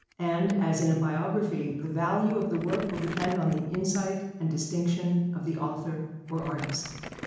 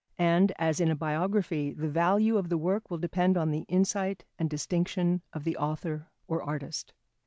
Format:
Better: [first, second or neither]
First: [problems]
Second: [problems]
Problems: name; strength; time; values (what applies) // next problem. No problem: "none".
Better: second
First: background sound (Crumpling, crinkling); 16 dB below the speech // room echo; dies away in 1 s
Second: none